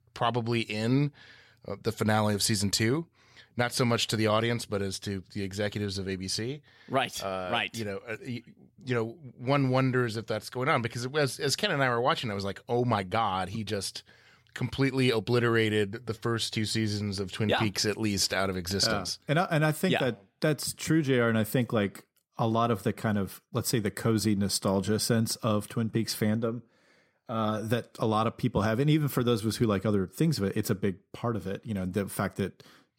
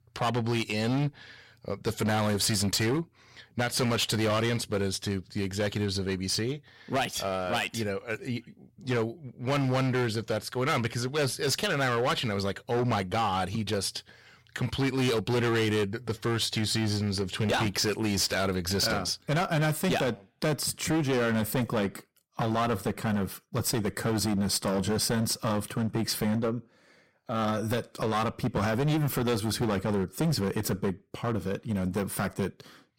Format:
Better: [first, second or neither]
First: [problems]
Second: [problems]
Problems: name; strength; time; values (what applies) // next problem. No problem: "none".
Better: first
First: none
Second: distortion; heavy; 14% of the sound clipped